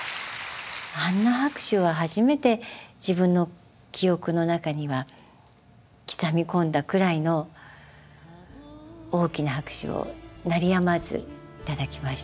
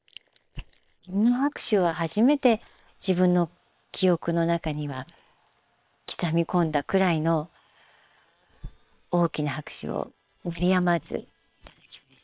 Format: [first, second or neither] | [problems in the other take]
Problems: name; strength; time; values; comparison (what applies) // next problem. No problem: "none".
first | noise reduction (neural separator model SepFormer WHAM!)